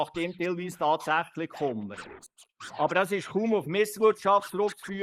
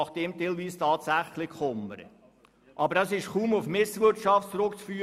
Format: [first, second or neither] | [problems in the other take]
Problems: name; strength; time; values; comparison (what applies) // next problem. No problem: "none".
second | noise reduction (neural mask model Resemble Enhance denoiser)